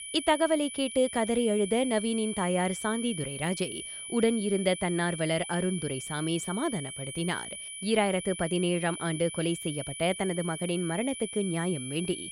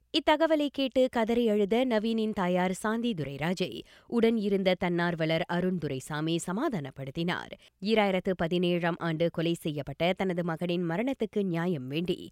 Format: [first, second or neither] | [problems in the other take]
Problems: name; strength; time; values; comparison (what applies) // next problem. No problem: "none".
second | high-pitched whine; loud; throughout; 10 kHz, 8 dB below the speech